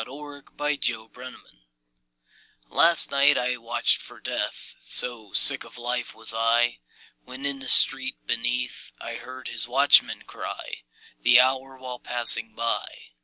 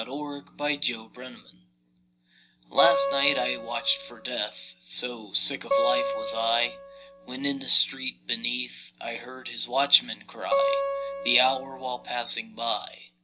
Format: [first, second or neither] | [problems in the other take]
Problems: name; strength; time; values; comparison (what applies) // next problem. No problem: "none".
first | background sound (Acoustic guitar); as loud as the speech // room echo; dies away in 0.5 s